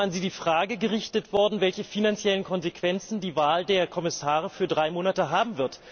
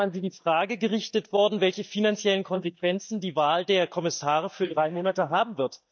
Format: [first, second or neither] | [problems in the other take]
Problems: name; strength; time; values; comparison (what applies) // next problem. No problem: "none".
first | noise reduction (neural mask model DeepFilterNet 3)